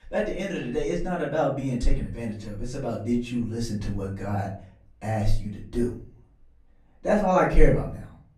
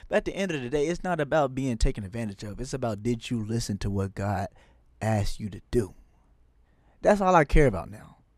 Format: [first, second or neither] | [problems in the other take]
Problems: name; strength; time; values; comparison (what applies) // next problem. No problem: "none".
second | off-mic speech; far // room echo; slight; dies away in 0.4 s